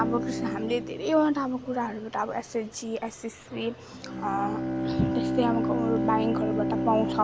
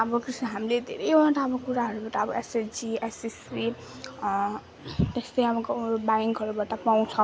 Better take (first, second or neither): second